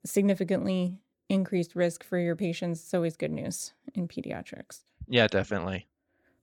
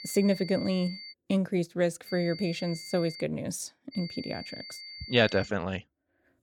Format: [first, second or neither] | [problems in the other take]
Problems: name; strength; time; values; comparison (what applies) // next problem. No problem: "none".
first | high-pitched whine; noticeable; until 1 s, from 2 to 3 s and from 4 to 5.5 s; 4.5 kHz, 10 dB below the speech